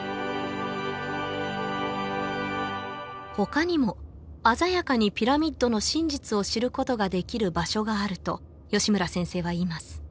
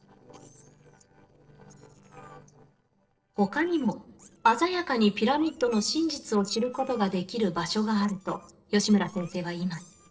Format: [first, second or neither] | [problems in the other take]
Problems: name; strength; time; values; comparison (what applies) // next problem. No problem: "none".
first | noise reduction (neural separator model SepFormer DNS4)